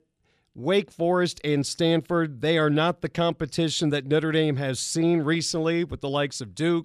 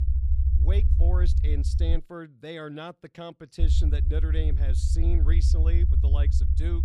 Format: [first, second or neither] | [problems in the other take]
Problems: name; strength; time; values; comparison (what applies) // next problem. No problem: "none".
first | low rumble; loud; until 2 s and from 3.5 s on; 3 dB below the speech